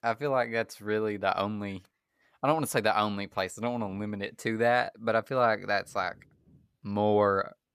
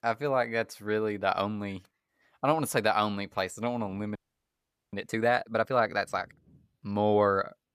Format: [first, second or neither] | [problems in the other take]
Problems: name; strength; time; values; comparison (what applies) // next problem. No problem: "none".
first | audio freezing; at 4 s for 1 s